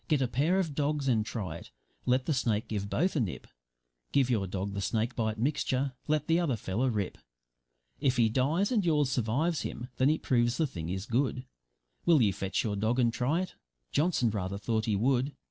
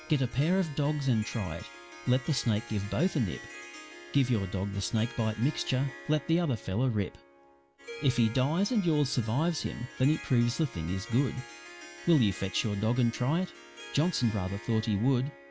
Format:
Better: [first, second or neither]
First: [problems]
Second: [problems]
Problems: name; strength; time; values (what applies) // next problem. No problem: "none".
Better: first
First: none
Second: background sound (Harp); 17 dB below the speech